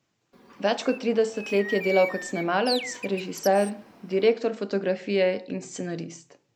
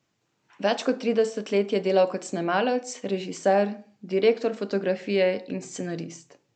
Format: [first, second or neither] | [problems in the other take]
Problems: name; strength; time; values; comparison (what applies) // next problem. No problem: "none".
second | background sound (Bird); 12 dB below the speech